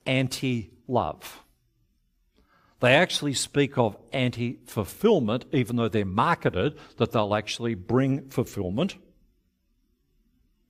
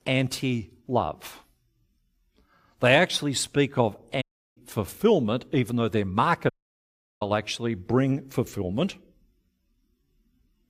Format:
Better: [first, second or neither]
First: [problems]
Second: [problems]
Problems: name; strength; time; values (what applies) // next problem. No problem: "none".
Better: first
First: none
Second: audio cutting out; at 4 s and at 6.5 s for 0.5 s